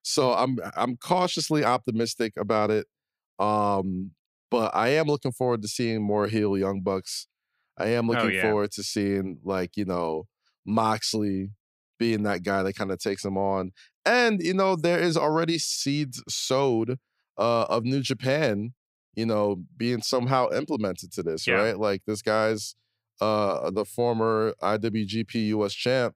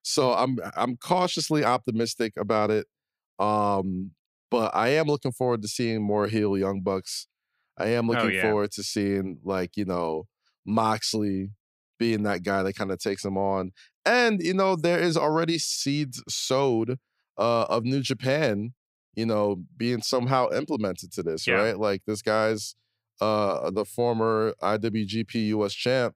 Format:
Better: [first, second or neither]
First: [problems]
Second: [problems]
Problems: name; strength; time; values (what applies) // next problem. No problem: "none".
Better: neither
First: none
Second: none